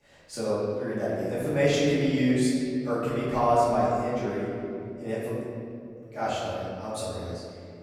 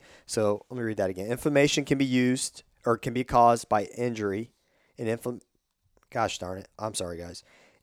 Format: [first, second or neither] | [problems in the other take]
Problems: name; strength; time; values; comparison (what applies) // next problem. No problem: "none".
second | off-mic speech; far // room echo; strong; dies away in 2.6 s